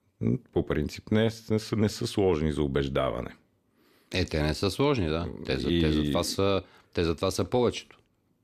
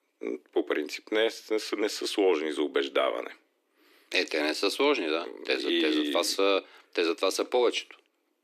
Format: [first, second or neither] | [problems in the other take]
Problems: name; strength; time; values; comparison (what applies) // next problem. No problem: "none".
first | thin; somewhat; fading below 300 Hz